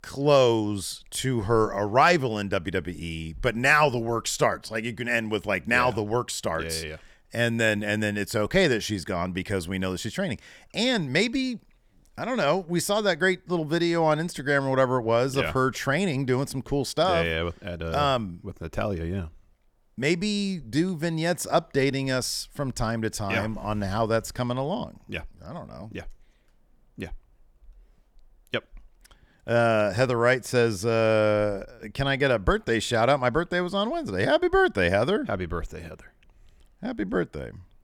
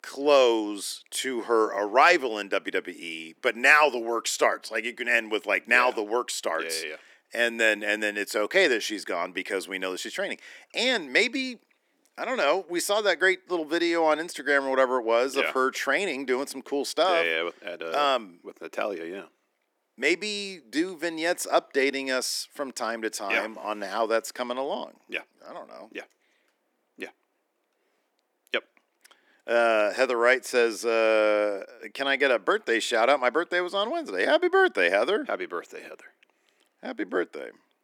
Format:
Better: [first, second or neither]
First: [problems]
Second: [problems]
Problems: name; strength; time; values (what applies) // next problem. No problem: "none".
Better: first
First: none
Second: thin; somewhat; fading below 300 Hz